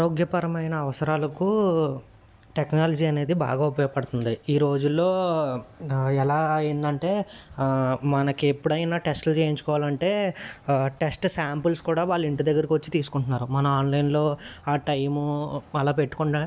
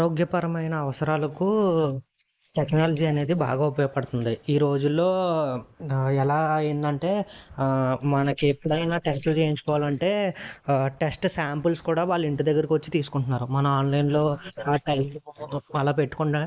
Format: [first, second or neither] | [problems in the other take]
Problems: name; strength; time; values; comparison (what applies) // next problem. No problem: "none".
first | noise reduction (neural mask model Resemble Enhance denoiser)